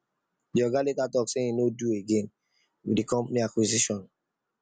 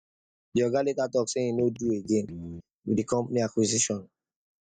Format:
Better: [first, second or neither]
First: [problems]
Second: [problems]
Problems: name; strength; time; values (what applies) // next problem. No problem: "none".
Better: first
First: none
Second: noise reduction (neural mask model DeepFilterNet 3)